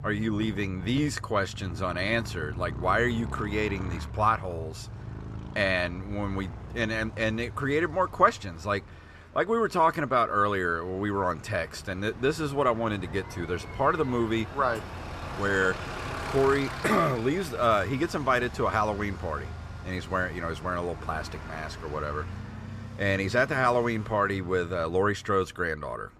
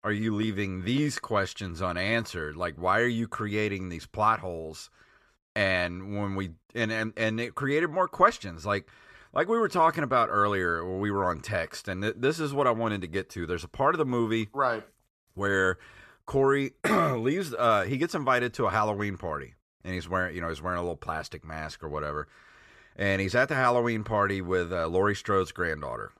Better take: second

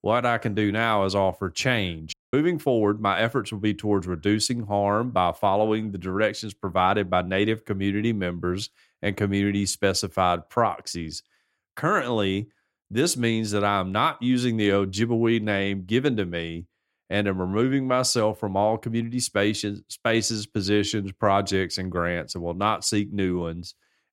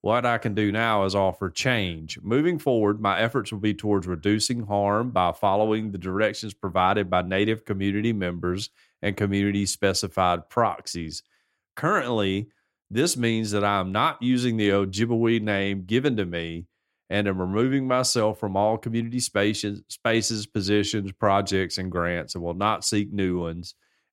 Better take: second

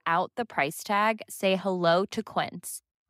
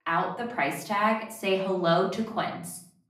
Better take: first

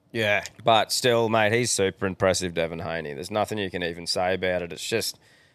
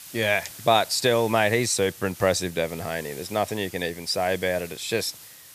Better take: first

